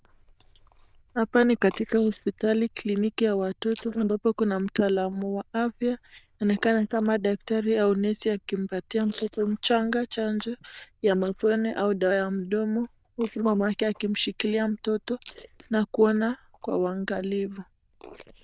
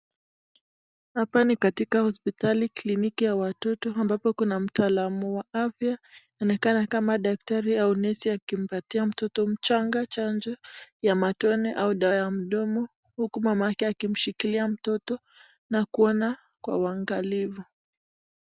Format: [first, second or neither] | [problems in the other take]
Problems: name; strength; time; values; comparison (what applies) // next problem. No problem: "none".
second | noise reduction (neural diffusion model UNIVERSE++)